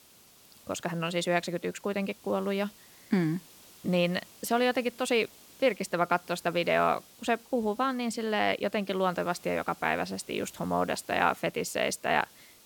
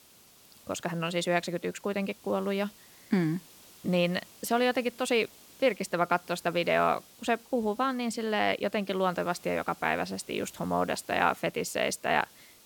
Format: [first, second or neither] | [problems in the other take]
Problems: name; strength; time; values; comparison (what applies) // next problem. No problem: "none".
neither | hiss; faint; throughout; 25 dB below the speech; the same in both